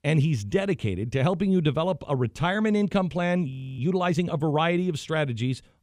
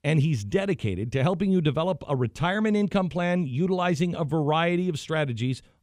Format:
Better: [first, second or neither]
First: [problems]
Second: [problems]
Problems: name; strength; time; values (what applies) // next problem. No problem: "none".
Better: second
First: audio freezing; at 3.5 s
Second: none